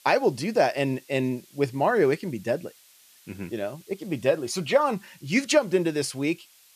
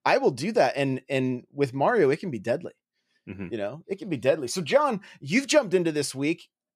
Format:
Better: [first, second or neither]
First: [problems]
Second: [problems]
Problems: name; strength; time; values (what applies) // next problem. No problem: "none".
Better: second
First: hiss; faint; throughout; 25 dB below the speech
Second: none